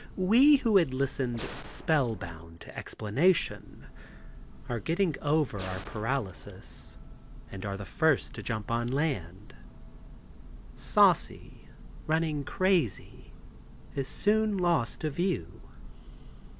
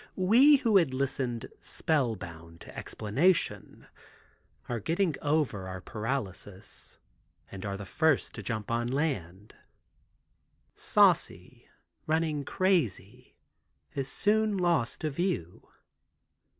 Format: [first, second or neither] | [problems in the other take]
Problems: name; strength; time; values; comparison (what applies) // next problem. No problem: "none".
second | background sound (Church bell + Gunshot, gunfire); 14 dB below the speech